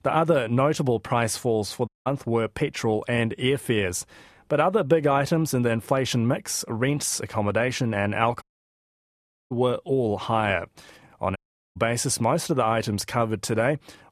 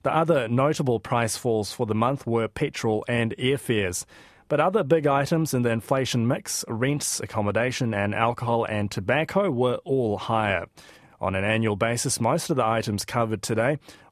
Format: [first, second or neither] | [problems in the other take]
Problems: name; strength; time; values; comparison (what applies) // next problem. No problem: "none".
second | audio cutting out; at 2 s, at 8.5 s for 1 s and at 11 s